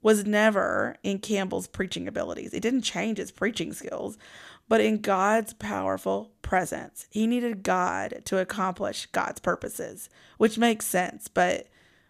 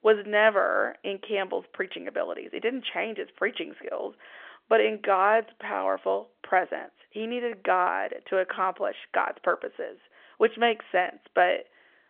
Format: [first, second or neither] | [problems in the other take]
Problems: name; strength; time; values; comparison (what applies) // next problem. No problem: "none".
first | phone-call audio; nothing above 3.5 kHz